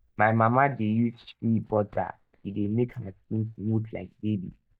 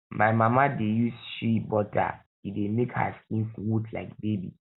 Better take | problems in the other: second | noise reduction (neural mask model DeepFilterNet 3)

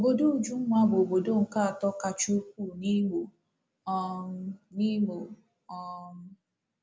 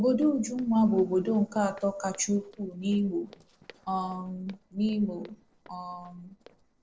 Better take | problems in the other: first | noise reduction (neural separator model SepFormer DNS4)

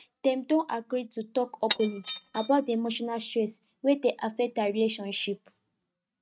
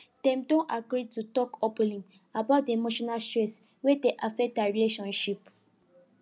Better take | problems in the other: second | noise reduction (neural mask model RNNoise)

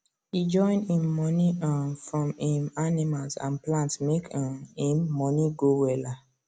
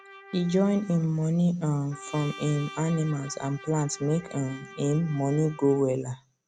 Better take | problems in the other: first | background sound (Trumpet); 19 dB below the speech

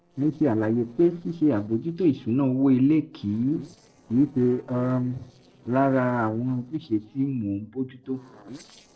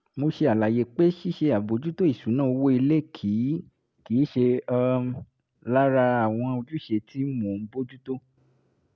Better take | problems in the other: second | noise reduction (neural separator model SepFormer DNS4)

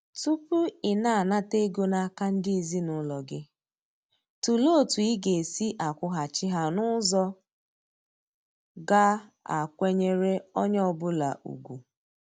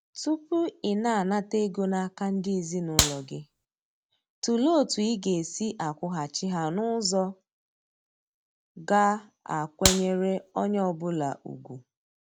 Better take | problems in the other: first | background sound (Clapping); 1 dB above the speech

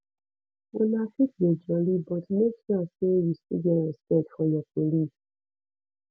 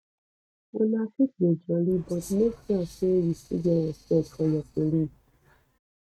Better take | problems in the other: first | noise reduction (neural mask model RNNoise)

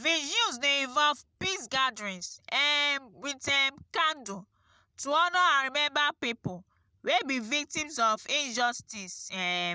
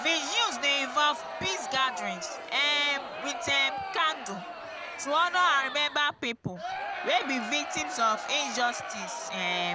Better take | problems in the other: first | background sound (Crowd); 8 dB below the speech

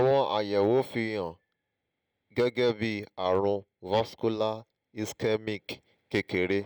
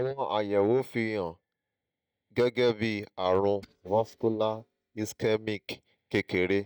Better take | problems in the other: first | noise reduction (neural mask model DeepFilterNet 3)

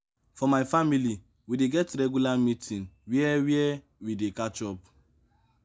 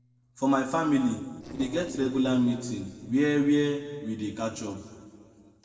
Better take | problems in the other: first | noise reduction (neural separator model SepFormer DNS4)

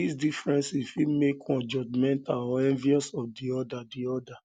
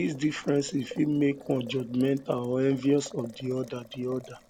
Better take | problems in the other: first | background sound (Boiling); 19 dB below the speech

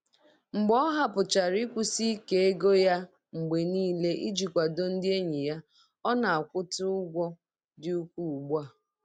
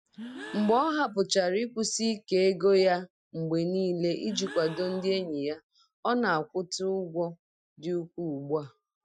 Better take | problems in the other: first | noise reduction (classical method Wiener filter)

